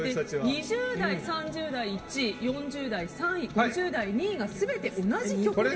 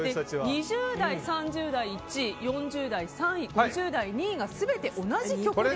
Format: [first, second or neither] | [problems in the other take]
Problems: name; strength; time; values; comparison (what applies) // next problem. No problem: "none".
second | room echo; dies away in 1.8 s